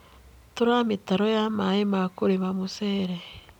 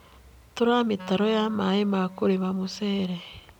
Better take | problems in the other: first | background sound (Wind instrument, woodwind instrument); 19 dB below the speech

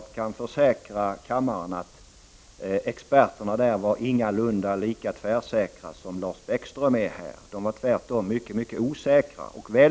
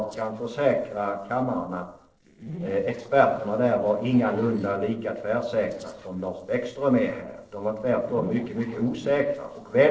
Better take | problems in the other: first | noise reduction (neural separator model SepFormer DNS4)

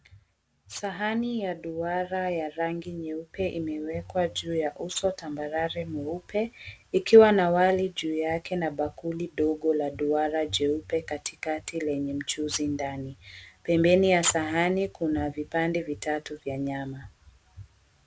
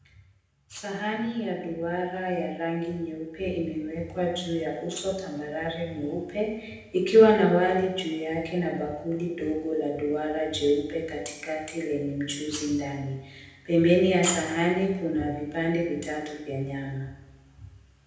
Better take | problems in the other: first | room echo; dies away in 0.9 s

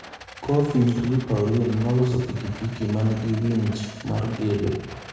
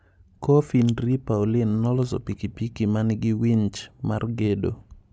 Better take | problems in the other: second | background sound (Rattle); 18 dB below the speech // room echo; dies away in 0.9 s

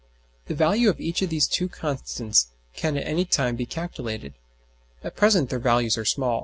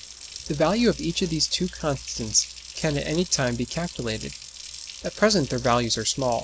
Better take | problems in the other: first | background sound (Water tap, faucet); 14 dB below the speech

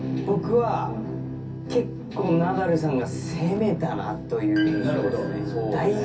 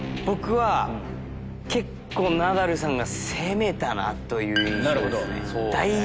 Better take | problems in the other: second | background sound (Mechanisms); 18 dB below the speech // room echo; dies away in 0.3 s

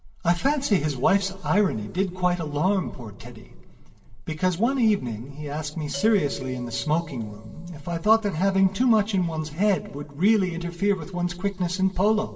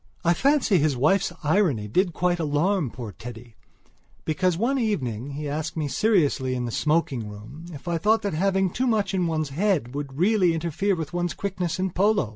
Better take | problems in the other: second | background sound (Doorbell); 19 dB below the speech // room echo; dies away in 2.3 s

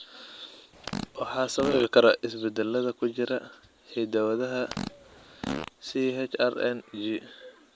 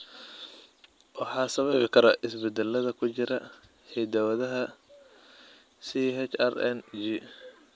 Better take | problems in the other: second | background sound (Fart); 10 dB below the speech

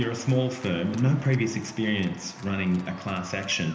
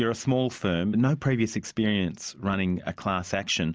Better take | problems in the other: second | background sound (Applause / Cheering); 19 dB below the speech // room echo; dies away in 0.8 s

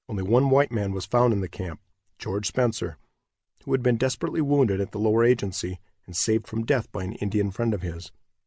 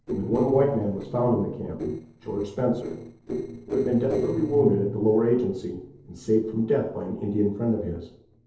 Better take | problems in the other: first | noise reduction (neural separator model SepFormer DNS4)

